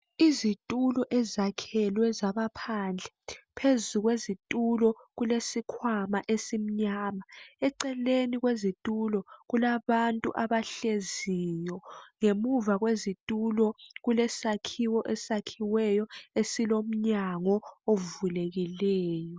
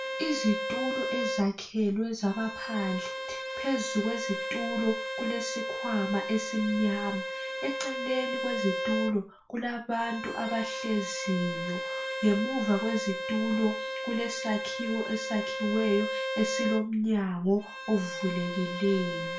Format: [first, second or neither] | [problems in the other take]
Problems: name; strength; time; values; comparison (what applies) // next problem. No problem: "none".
first | background sound (Bowed string instrument); 4 dB below the speech // room echo; dies away in 0.3 s